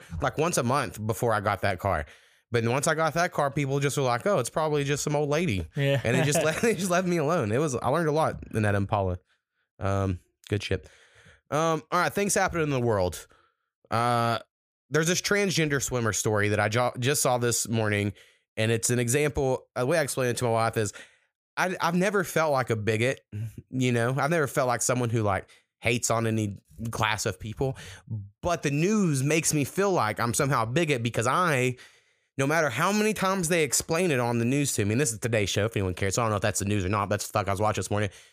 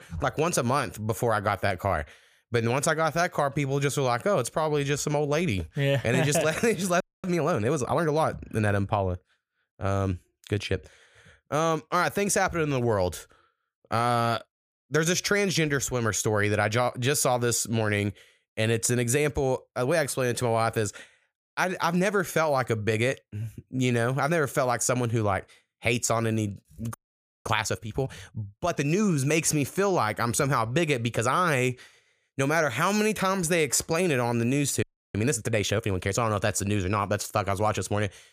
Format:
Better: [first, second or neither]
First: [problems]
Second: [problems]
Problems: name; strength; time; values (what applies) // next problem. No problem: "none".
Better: first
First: none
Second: audio freezing; at 7 s, at 27 s for 0.5 s and at 35 s